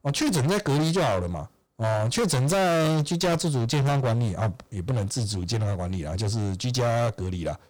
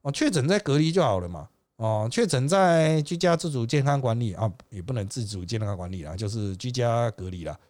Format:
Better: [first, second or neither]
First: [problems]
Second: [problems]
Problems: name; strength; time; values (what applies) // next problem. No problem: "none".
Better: second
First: distortion; heavy; 23% of the sound clipped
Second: none